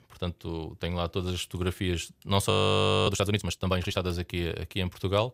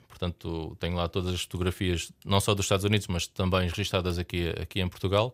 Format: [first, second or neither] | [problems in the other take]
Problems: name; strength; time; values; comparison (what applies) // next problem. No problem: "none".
second | audio freezing; at 2.5 s for 0.5 s